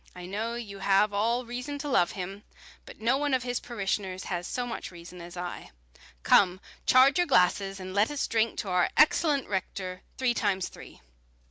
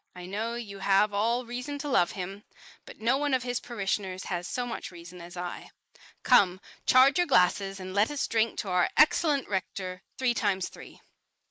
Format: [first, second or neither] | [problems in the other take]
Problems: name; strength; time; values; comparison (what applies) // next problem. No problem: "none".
first | noise reduction (neural mask model Resemble Enhance denoiser)